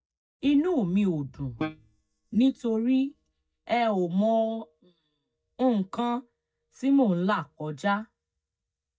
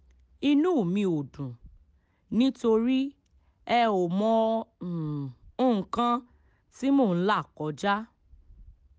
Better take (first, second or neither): second